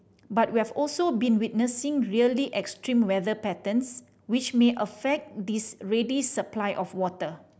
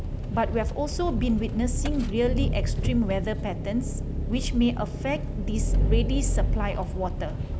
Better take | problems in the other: first | background sound (Engine); 2 dB above the speech

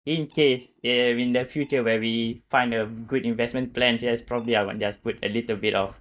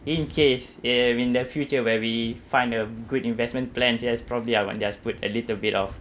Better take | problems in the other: second | noise reduction (neural mask model DeepFilterNet 3)

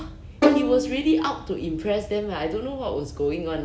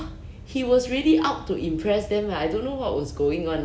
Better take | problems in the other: second | background sound (Bowed string instrument); as loud as the speech

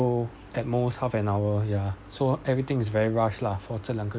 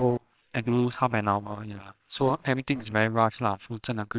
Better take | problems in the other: first | noise reduction (neural separator model SepFormer WHAMR!)

